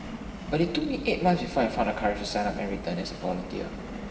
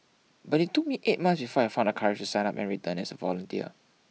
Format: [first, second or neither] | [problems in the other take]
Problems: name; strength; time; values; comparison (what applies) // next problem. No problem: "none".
second | background sound (Subway, metro, underground); 10 dB below the speech // room echo; dies away in 2.9 s